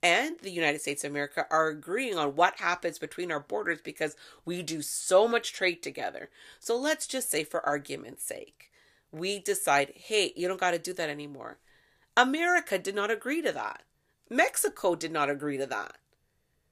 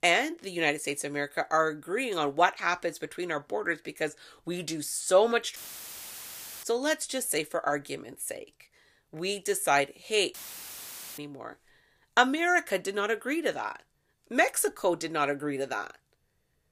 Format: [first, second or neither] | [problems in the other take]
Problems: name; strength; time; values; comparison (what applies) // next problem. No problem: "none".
first | audio cutting out; filled with static; at 5.5 s for 1 s and at 10 s for 1 s